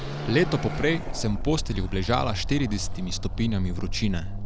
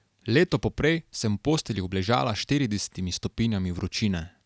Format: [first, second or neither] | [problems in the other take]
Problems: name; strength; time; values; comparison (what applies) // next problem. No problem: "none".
second | background sound (Car passing by / Accelerating, revving, vroom); 3 dB below the speech